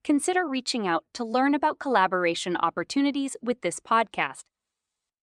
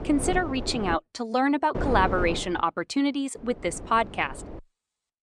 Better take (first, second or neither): first